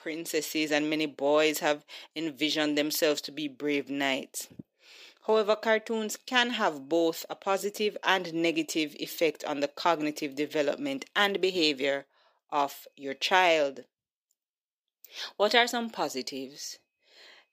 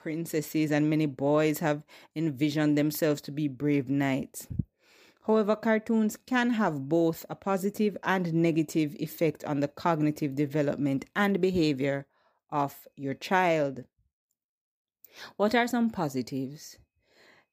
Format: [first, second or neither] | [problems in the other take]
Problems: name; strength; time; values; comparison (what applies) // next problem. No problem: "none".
second | thin; somewhat; fading below 450 Hz